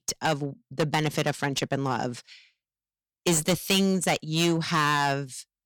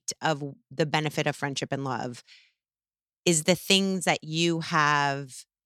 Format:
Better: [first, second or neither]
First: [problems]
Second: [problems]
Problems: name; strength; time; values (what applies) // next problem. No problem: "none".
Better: second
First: distortion; heavy; 9% of the sound clipped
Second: none